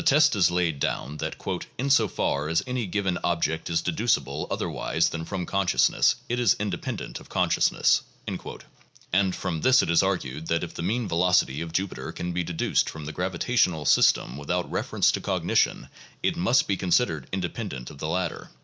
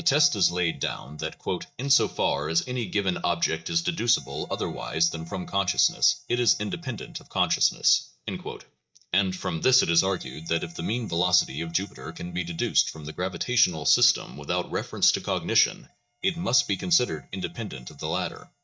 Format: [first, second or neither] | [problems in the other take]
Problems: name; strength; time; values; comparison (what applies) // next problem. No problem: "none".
first | noise reduction (neural mask model DeepFilterNet 3)